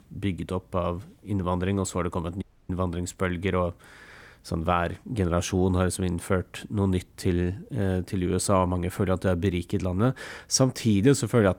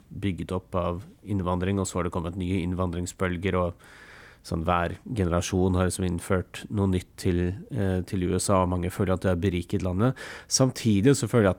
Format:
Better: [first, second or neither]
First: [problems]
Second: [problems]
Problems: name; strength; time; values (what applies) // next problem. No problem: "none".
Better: second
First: audio cutting out; at 2.5 s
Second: none